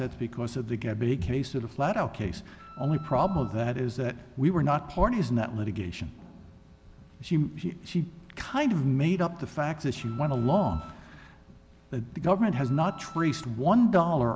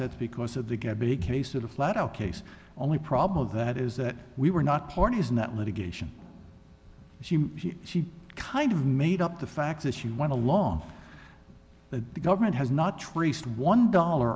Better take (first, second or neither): second